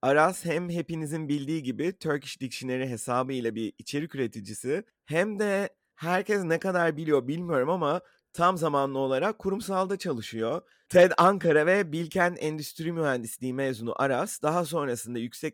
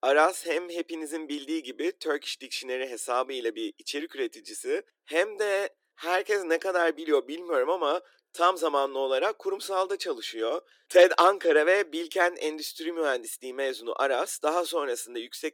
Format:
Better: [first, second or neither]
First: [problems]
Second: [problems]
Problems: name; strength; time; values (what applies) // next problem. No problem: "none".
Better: first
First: none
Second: thin; somewhat; fading below 300 Hz